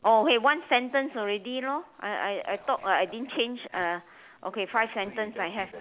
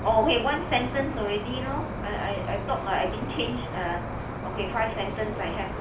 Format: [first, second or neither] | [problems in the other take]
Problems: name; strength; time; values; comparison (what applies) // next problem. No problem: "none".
first | background sound (Cricket); 4 dB below the speech // room echo; dies away in 0.4 s